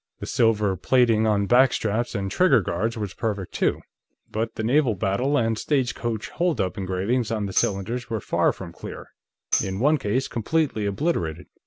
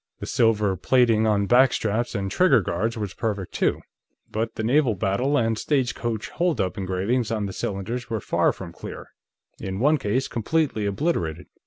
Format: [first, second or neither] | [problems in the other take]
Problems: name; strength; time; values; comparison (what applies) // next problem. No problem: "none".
second | background sound (Tambourine); 10 dB below the speech